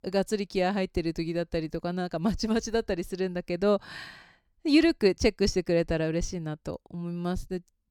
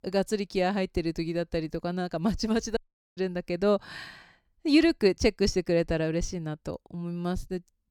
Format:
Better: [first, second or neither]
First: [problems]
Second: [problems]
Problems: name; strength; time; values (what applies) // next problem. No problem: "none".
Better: first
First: none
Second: audio cutting out; at 3 s